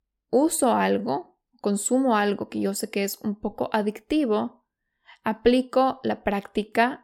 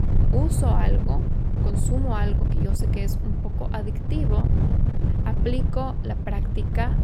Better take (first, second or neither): first